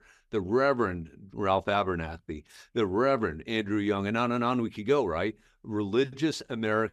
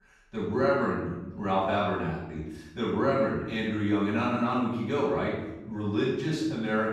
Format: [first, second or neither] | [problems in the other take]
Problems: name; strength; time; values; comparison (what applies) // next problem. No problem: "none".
first | room echo; noticeable; dies away in 1 s // off-mic speech; far